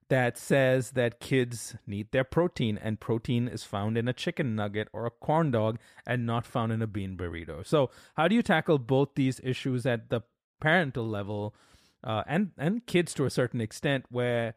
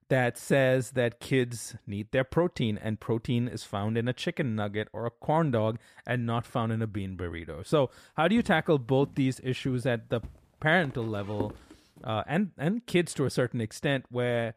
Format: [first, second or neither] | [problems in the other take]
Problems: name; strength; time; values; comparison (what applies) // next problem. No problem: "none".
first | footsteps; noticeable; from 8.5 to 12 s; peak 9 dB below the speech